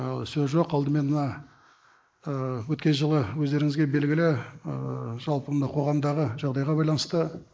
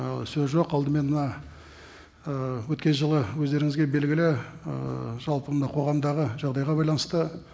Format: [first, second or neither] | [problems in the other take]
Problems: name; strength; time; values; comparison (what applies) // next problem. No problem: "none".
second | noise reduction (neural mask model Resemble Enhance denoiser)